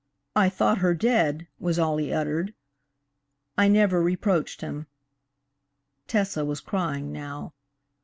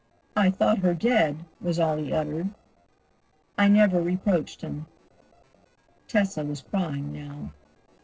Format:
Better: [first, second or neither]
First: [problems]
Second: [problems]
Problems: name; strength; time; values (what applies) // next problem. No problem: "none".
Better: first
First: none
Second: noise reduction (neural separator model SepFormer DNS4)